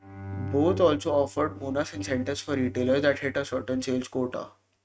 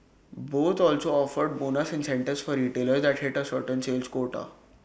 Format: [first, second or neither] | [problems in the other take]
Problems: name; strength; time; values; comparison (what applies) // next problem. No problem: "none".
second | noise reduction (neural mask model RNNoise)